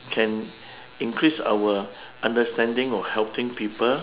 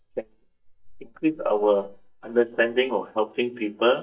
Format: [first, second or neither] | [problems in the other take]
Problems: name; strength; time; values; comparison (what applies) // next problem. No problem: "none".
first | noise reduction (neural mask model DeepFilterNet 3)